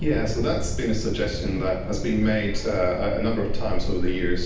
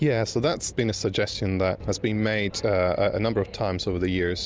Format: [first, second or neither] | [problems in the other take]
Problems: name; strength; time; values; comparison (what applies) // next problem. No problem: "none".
second | background sound (Thunder); 1 dB below the speech // room echo; dies away in 0.9 s